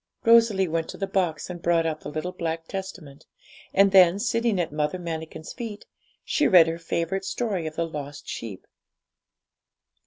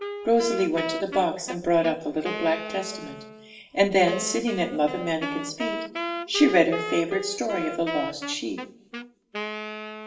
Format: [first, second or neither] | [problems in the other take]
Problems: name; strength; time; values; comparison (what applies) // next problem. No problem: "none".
first | background sound (Wind instrument, woodwind instrument); 8 dB below the speech // room echo; dies away in 0.7 s